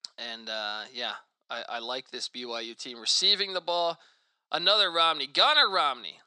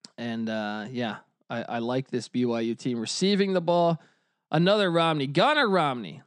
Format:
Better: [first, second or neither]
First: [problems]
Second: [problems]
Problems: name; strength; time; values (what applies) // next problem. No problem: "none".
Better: second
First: thin; very; fading below 650 Hz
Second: none